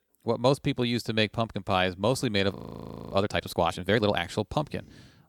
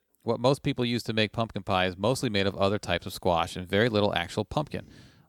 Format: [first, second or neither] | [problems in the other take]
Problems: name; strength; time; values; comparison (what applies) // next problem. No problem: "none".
second | audio freezing; at 2.5 s for 0.5 s